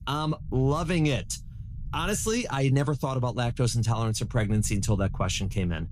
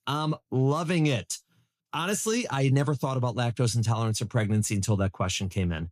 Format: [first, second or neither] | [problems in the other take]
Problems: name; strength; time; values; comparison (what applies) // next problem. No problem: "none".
second | low rumble; faint; throughout; 25 dB below the speech